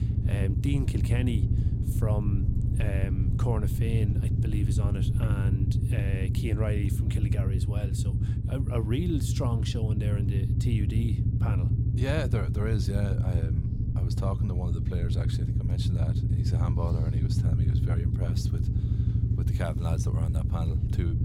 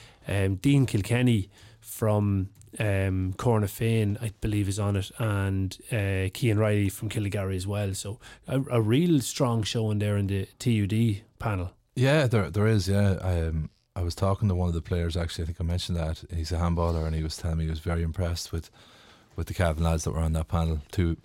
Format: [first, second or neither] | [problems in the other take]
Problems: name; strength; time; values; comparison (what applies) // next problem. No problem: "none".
second | low rumble; loud; throughout; 2 dB below the speech